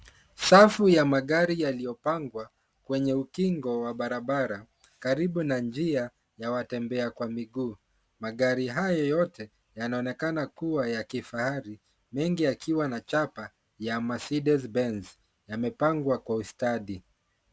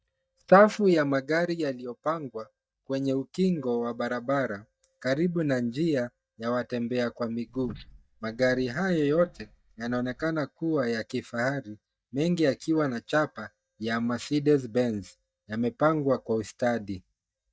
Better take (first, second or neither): first